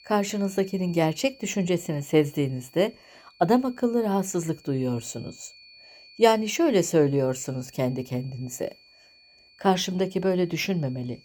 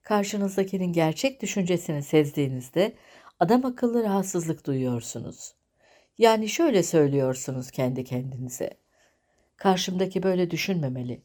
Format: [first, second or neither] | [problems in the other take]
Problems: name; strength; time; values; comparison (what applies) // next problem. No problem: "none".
second | high-pitched whine; faint; throughout; 4.5 kHz, 25 dB below the speech